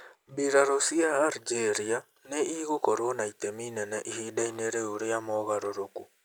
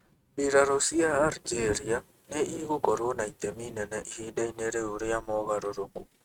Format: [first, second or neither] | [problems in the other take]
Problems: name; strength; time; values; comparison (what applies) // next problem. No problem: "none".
first | noise reduction (neural mask model RNNoise)